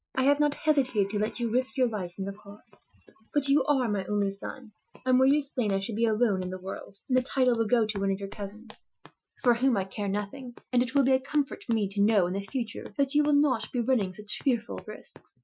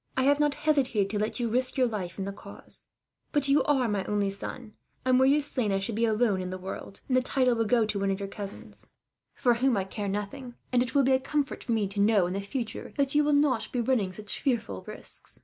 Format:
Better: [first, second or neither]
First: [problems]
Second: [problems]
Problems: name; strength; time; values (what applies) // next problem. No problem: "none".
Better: second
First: noise reduction (classical method Wiener filter)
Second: none